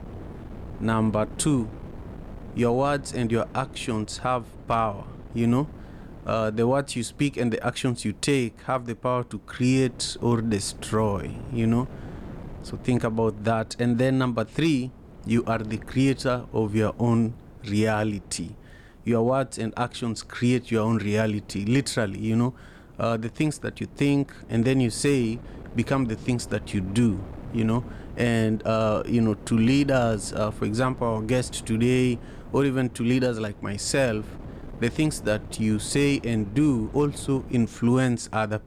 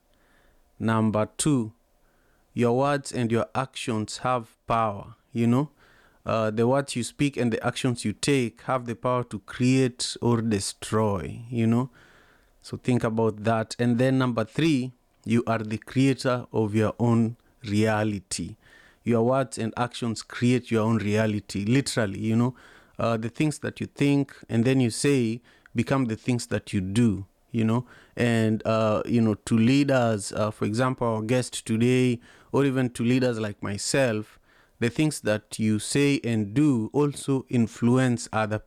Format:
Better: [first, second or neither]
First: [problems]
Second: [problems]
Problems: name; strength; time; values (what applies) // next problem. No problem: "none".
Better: second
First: wind noise on the microphone; occasional gusts; 20 dB below the speech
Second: none